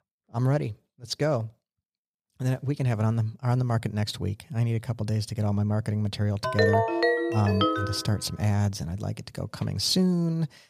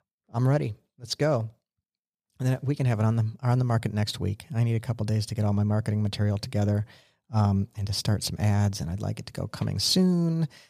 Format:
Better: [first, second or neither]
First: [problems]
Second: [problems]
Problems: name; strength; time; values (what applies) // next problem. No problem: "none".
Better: second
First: phone ringing; loud; from 6.5 to 8 s; peak 4 dB above the speech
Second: none